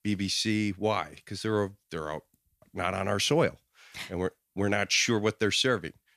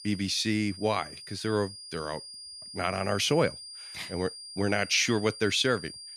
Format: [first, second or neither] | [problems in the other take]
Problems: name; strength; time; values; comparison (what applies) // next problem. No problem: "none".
first | high-pitched whine; noticeable; throughout; 5 kHz, 15 dB below the speech